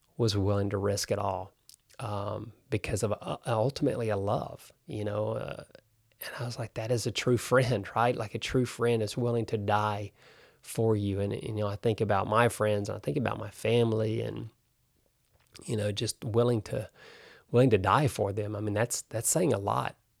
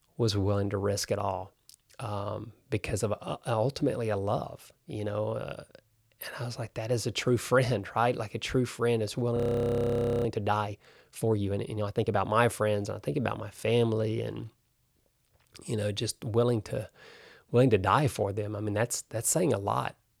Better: first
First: none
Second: audio freezing; at 9.5 s for 1 s

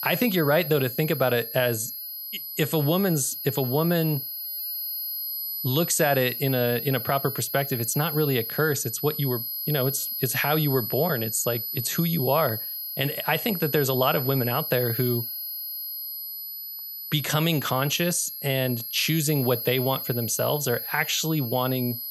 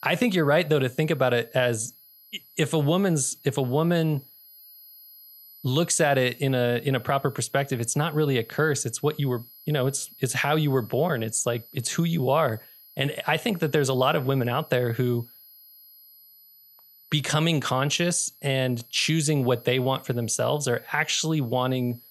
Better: second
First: high-pitched whine; loud; throughout; 11.5 kHz, 5 dB below the speech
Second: high-pitched whine; faint; throughout; 11.5 kHz, 25 dB below the speech

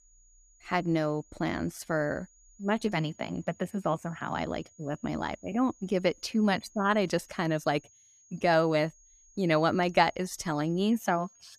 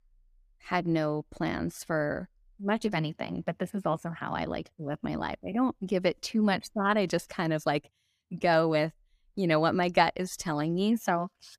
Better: second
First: high-pitched whine; faint; throughout; 6.5 kHz, 30 dB below the speech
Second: none

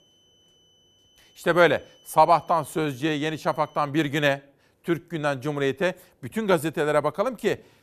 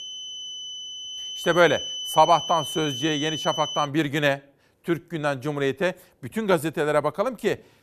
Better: first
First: high-pitched whine; faint; until 4 s; 3 kHz, 30 dB below the speech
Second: high-pitched whine; loud; until 4 s; 3 kHz, 6 dB below the speech

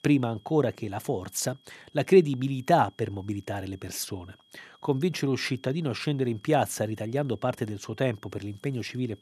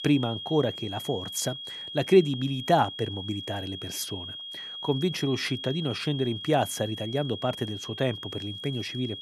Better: first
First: high-pitched whine; faint; throughout; 3.5 kHz, 30 dB below the speech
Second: high-pitched whine; loud; throughout; 3.5 kHz, 8 dB below the speech

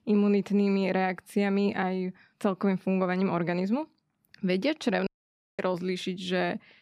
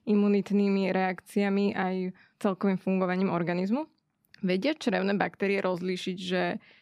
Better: second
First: audio cutting out; at 5 s for 0.5 s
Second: none

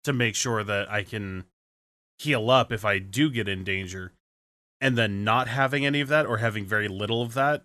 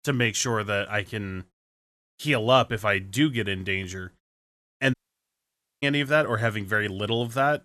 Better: first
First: none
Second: audio cutting out; at 5 s for 1 s

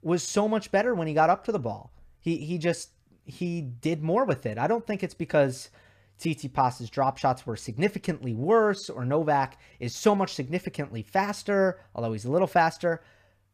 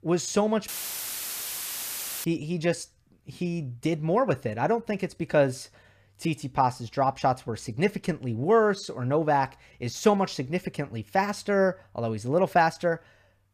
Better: first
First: none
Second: audio cutting out; filled with static; at 0.5 s for 1.5 s

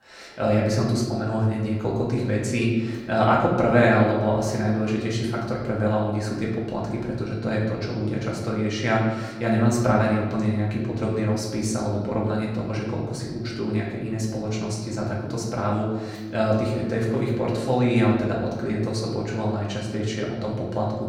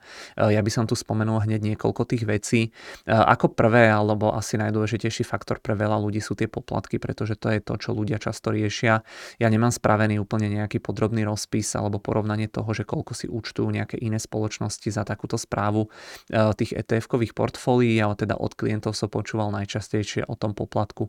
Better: second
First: room echo; noticeable; dies away in 1.2 s // off-mic speech; far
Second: none

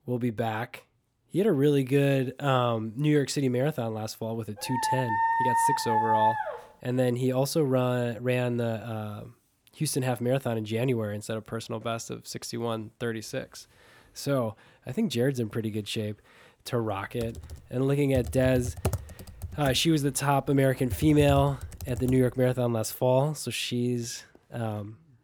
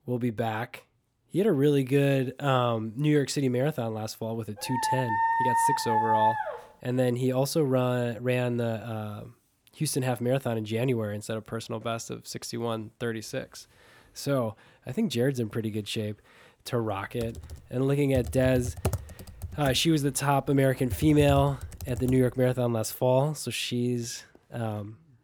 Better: neither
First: dog barking; loud; from 4.5 to 6.5 s; peak 4 dB above the speech // keyboard typing; noticeable; from 17 to 22 s; peak 4 dB below the speech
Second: dog barking; loud; from 4.5 to 6.5 s; peak 4 dB above the speech // keyboard typing; noticeable; from 17 to 22 s; peak 4 dB below the speech

